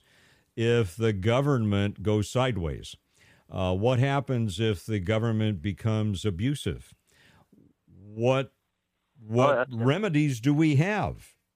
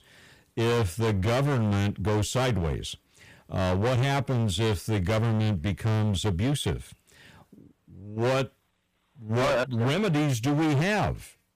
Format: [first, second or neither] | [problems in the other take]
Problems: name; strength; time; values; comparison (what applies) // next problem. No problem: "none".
first | distortion; heavy; 24% of the sound clipped